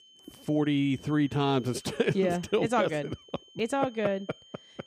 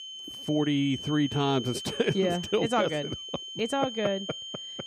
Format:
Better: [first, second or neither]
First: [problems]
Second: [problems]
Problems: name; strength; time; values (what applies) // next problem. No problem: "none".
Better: first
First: high-pitched whine; faint; throughout; 3 kHz, 25 dB below the speech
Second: high-pitched whine; loud; throughout; 3 kHz, 9 dB below the speech